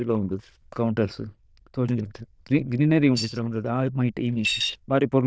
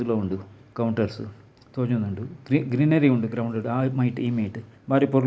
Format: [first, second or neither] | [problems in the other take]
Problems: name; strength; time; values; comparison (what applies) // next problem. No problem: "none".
second | noise reduction (neural diffusion model UNIVERSE++)